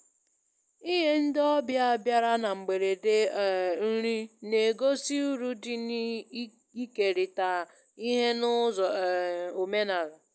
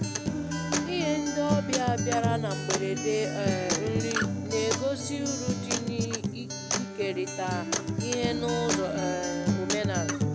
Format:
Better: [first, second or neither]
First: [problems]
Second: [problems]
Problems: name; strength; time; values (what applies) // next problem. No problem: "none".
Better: first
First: none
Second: background sound (Acoustic guitar); 2 dB above the speech